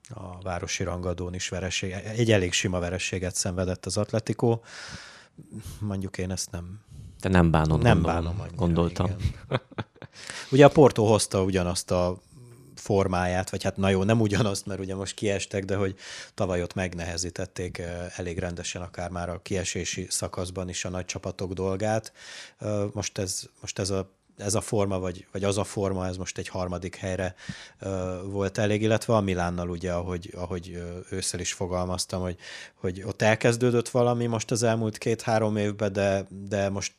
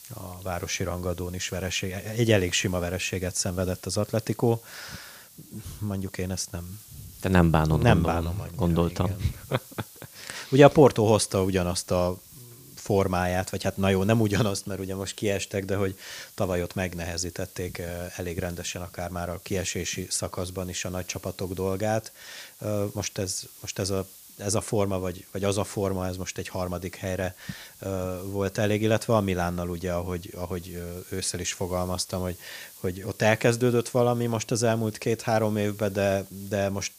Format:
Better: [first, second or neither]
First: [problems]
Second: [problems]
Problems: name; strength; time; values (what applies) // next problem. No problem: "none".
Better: first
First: none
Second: hiss; faint; throughout; 20 dB below the speech